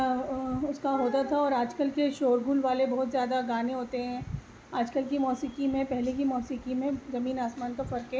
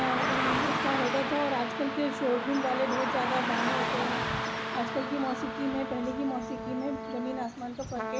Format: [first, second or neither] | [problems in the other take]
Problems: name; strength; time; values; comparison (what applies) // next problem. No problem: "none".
first | background sound (Car passing by / Traffic noise, roadway noise + Trumpet); as loud as the speech